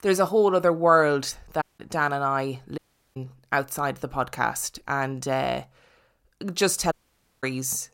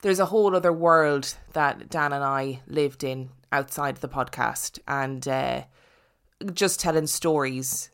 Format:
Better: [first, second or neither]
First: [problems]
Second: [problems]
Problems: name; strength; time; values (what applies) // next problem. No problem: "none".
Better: second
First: audio cutting out; at 1.5 s, at 3 s and at 7 s for 0.5 s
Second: none